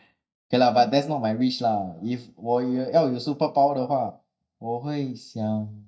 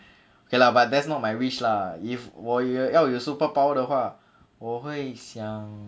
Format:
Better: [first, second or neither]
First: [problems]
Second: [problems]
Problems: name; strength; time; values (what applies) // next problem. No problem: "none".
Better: second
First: noise reduction (neural mask model DeepFilterNet 3)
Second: none